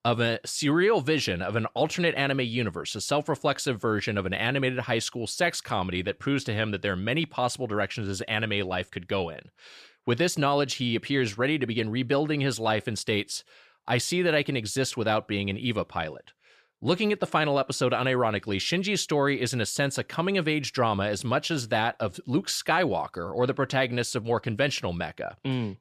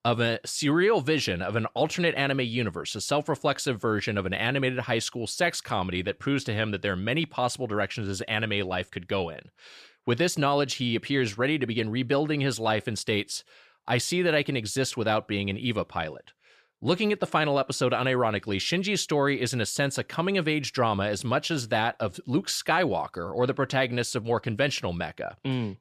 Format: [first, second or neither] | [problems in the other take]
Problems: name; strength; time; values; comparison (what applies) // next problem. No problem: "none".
neither | none